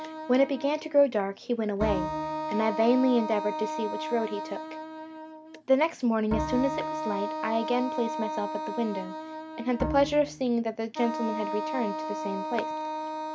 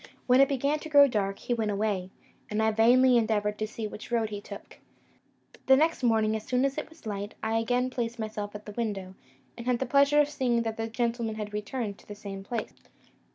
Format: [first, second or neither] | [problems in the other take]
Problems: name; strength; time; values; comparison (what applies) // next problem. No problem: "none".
second | background sound (Wind instrument, woodwind instrument + Bowed string instrument); 5 dB below the speech